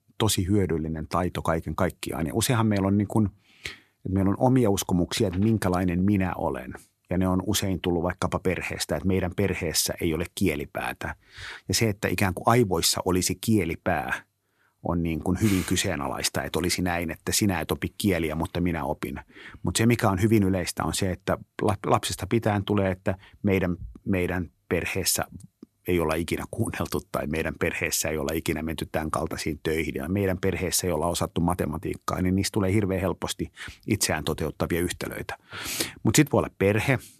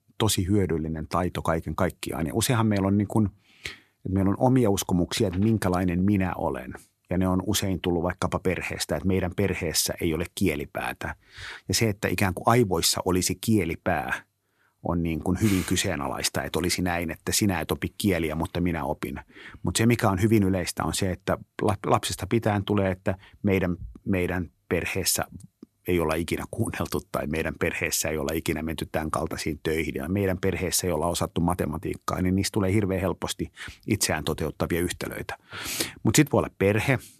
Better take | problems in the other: neither | none

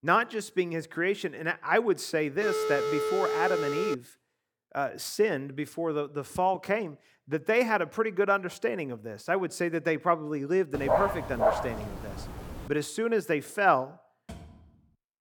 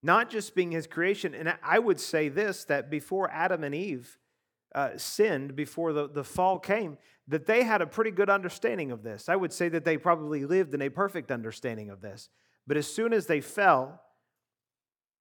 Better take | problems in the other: second | phone ringing; loud; from 2.5 to 4 s; peak level with the speech // dog barking; loud; from 11 to 13 s; peak 2 dB above the speech // door banging; faint; at 14 s; peak 20 dB below the speech

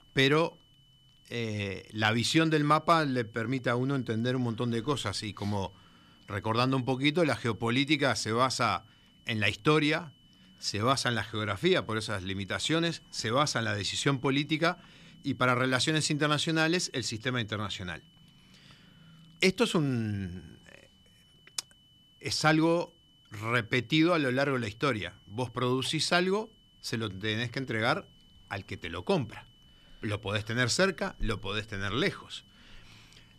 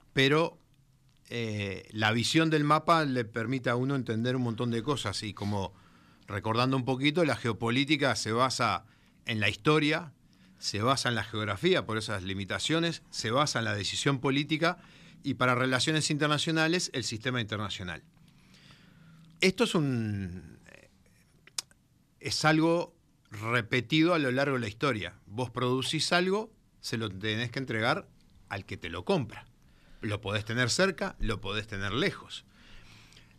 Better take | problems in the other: second | high-pitched whine; faint; throughout; 3 kHz, 30 dB below the speech

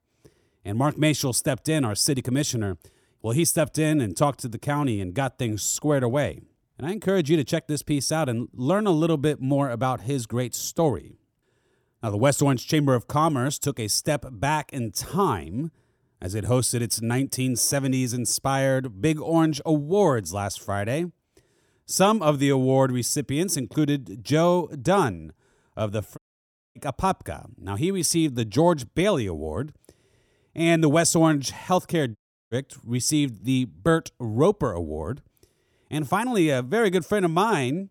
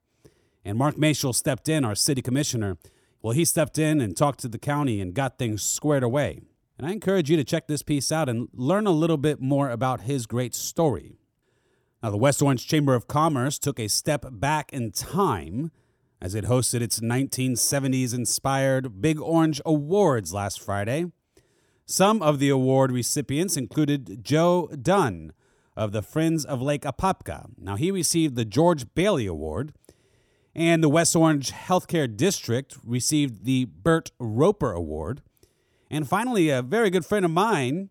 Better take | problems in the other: second | audio cutting out; at 26 s for 0.5 s and at 32 s

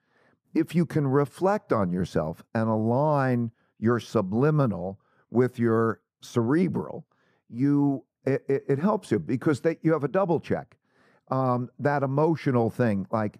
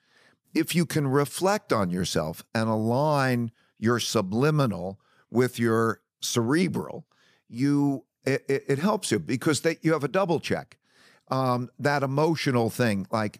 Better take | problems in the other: second | muffled; slightly; fading above 2 kHz

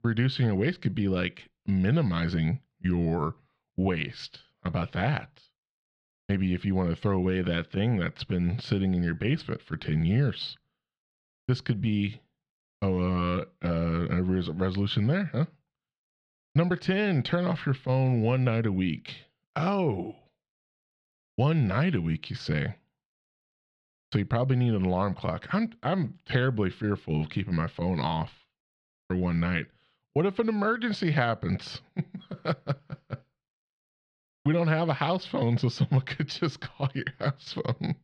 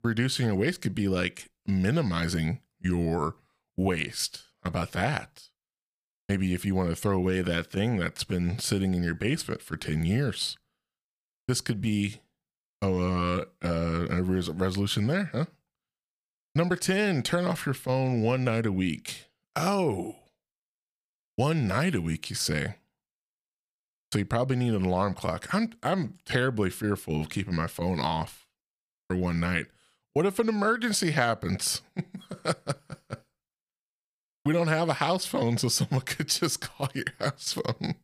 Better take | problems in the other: second | muffled; slightly; fading above 3.5 kHz

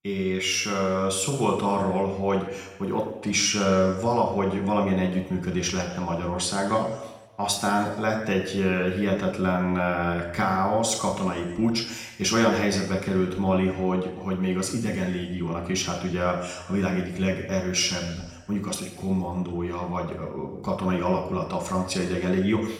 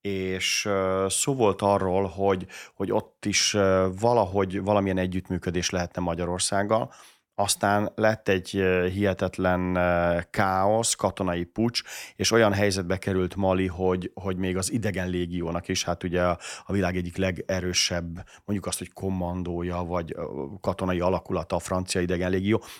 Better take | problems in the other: second | room echo; noticeable; dies away in 1 s // off-mic speech; somewhat distant

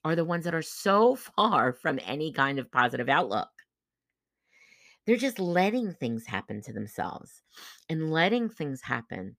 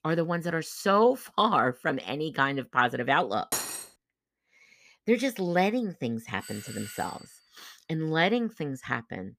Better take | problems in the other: first | clattering dishes; noticeable; at 3.5 s; peak 3 dB below the speech // doorbell; faint; at 6.5 s; peak 15 dB below the speech

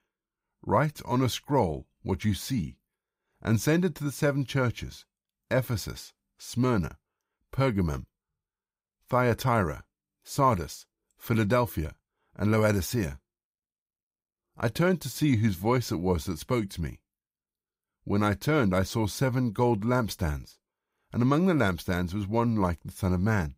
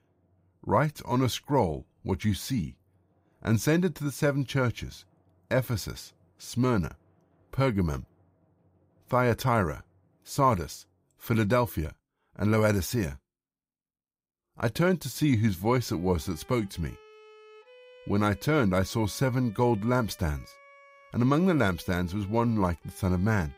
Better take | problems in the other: first | background music; faint; throughout; 30 dB below the speech

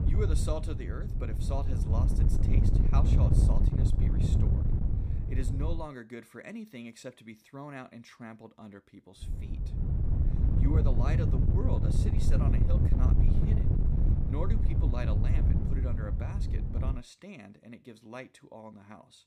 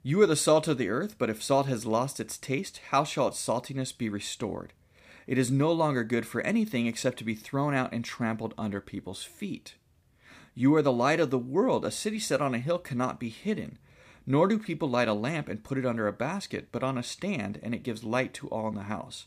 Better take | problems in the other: second | wind noise on the microphone; heavy; until 6 s and from 9 to 17 s; 1 dB above the speech

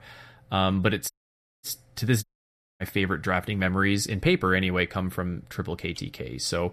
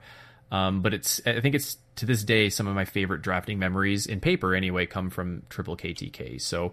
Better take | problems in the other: second | audio cutting out; at 1 s for 0.5 s and at 2 s for 0.5 s

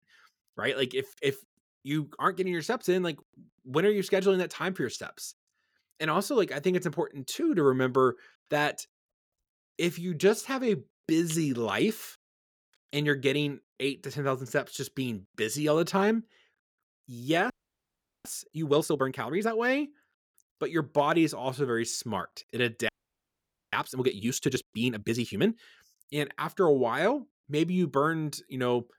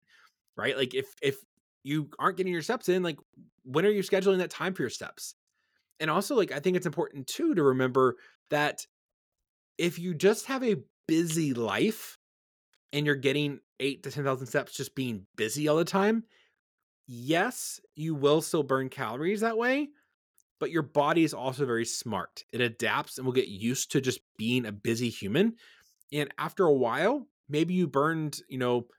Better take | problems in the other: second | audio freezing; at 18 s for 1 s and at 23 s for 1 s

